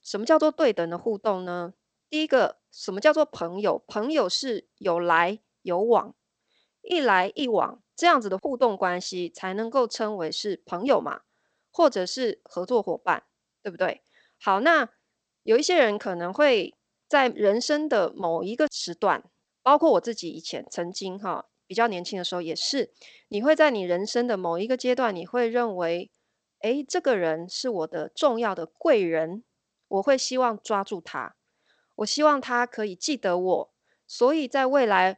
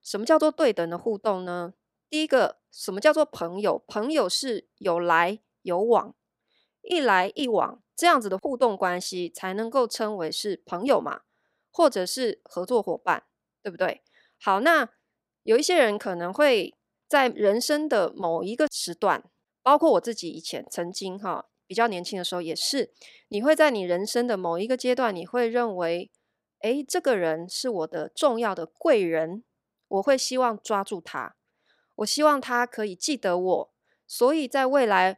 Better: second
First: garbled, watery; slightly; nothing above 8 kHz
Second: none

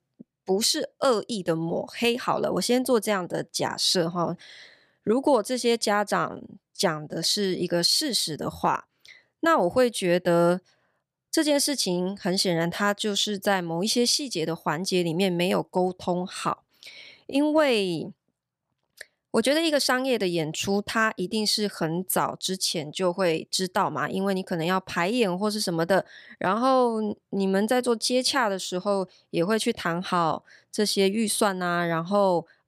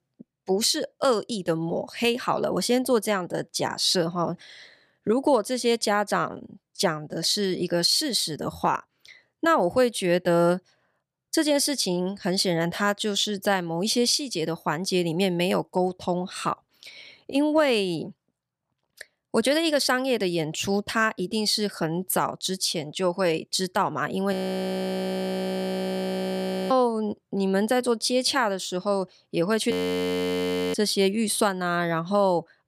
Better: first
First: none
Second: audio freezing; at 24 s for 2.5 s and at 30 s for 1 s

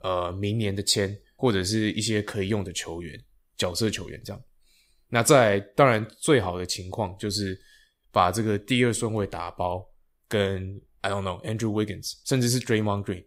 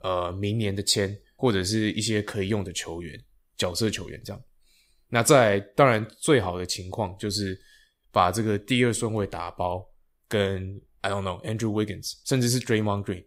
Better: neither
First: none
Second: none

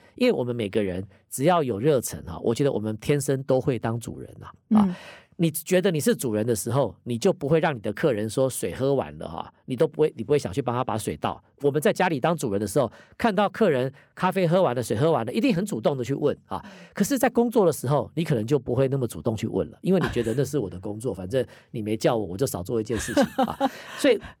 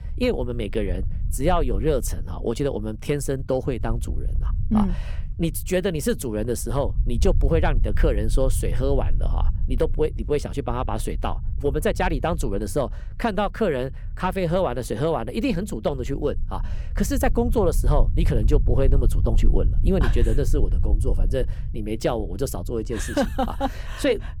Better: first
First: none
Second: low rumble; noticeable; throughout; 20 dB below the speech

